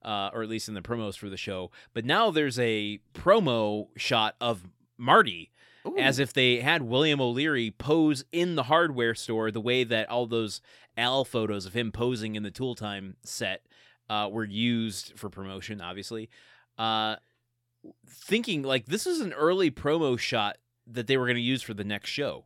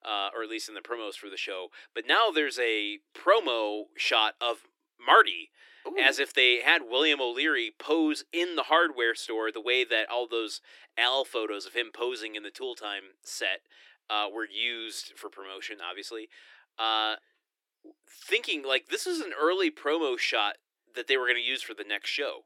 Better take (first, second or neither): first